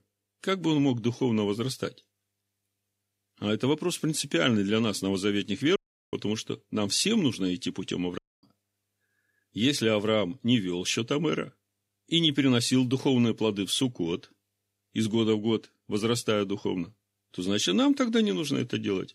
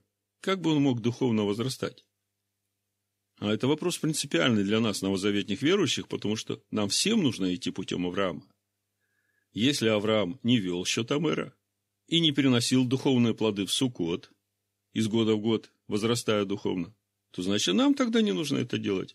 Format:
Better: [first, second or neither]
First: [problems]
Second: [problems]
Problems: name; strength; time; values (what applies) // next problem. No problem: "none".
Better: second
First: audio cutting out; at 6 s and at 8 s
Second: none